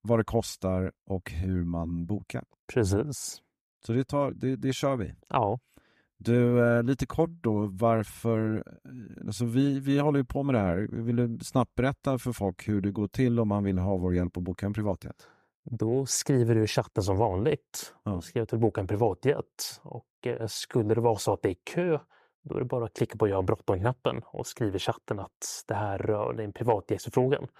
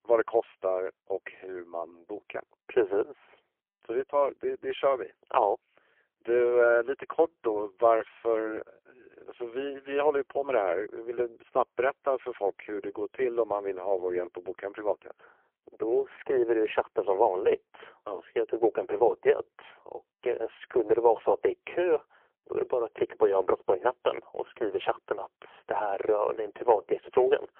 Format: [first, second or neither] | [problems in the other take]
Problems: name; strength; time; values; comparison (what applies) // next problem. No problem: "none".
first | phone-call audio; poor line; nothing above 3.5 kHz